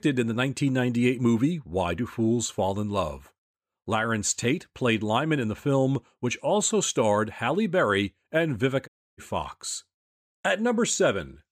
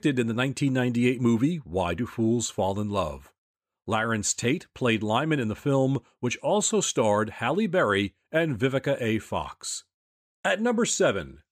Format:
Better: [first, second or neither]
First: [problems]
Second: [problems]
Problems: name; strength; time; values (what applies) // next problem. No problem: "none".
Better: second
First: audio cutting out; at 9 s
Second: none